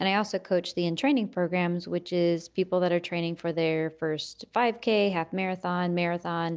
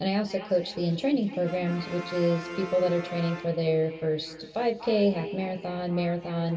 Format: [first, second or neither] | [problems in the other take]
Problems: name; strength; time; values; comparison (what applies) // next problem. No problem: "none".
first | background sound (Brass instrument); 18 dB below the speech // room echo; dies away in 2.9 s